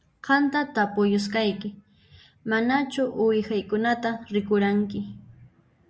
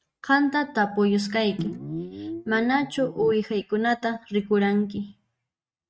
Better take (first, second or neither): first